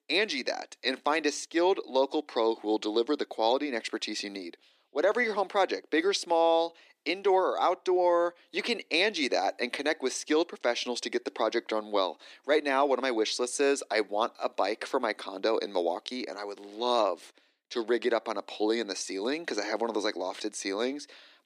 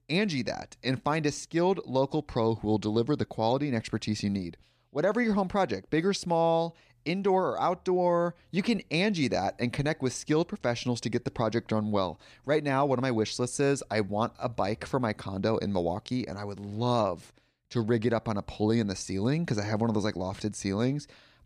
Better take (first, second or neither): second